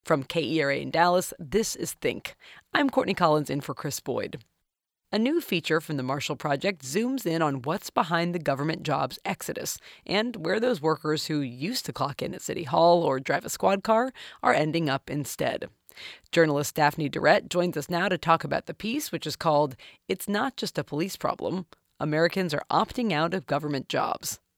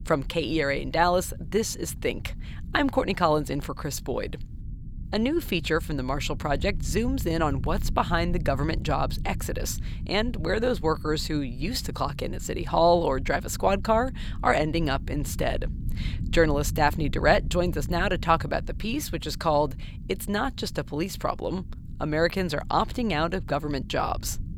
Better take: first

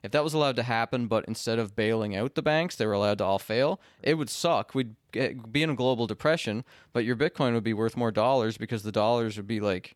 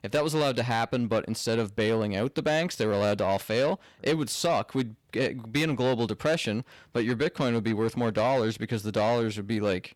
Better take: first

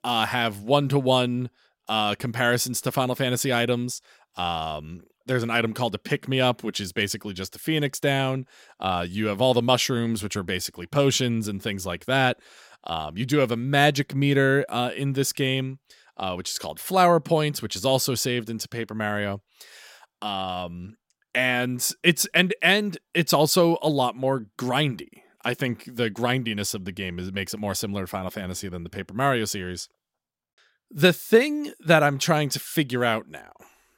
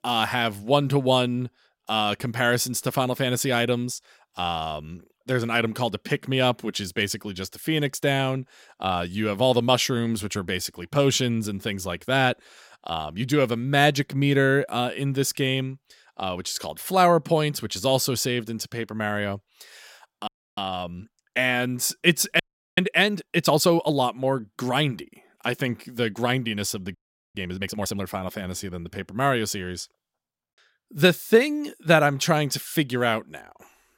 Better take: first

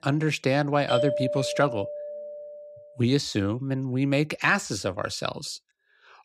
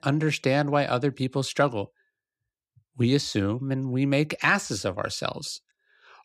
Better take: second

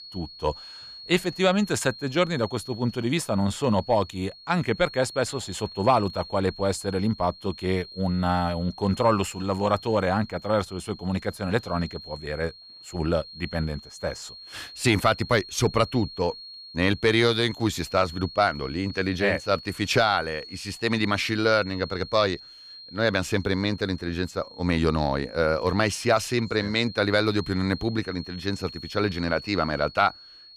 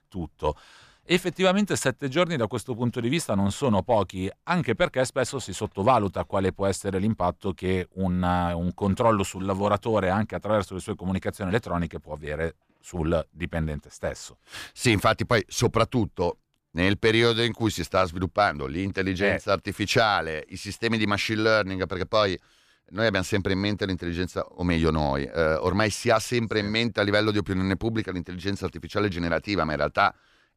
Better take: second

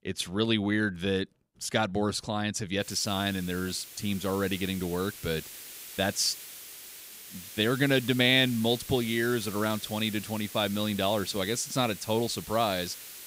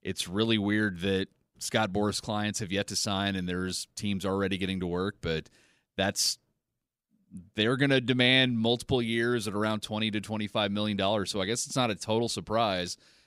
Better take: second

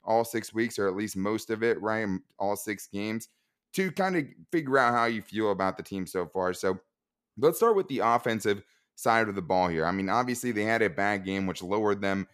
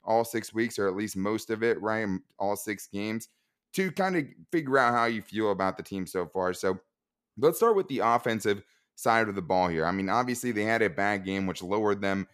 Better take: neither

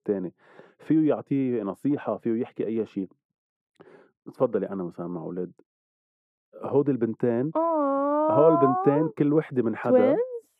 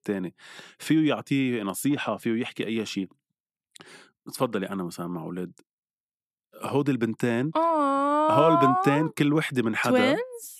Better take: second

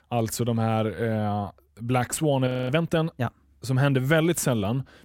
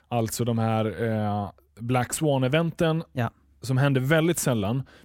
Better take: second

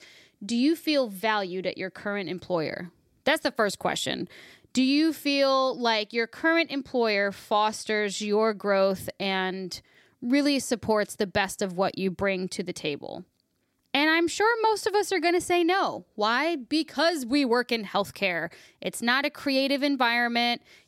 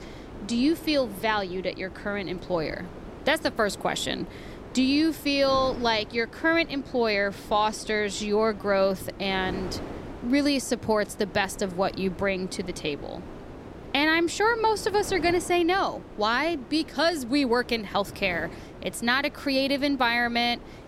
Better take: first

